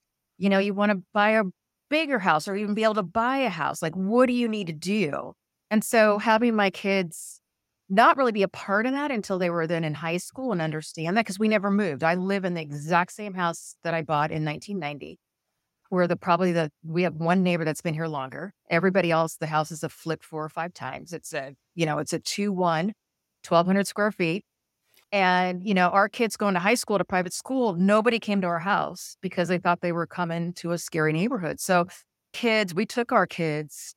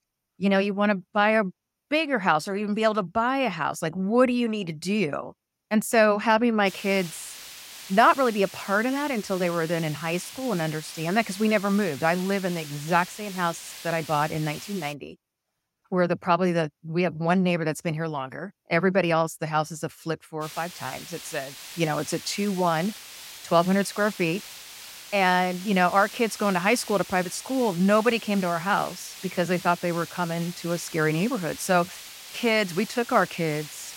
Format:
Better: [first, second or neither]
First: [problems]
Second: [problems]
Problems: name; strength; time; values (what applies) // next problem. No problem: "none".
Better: first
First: none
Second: hiss; noticeable; from 6.5 to 15 s and from 20 s on; 15 dB below the speech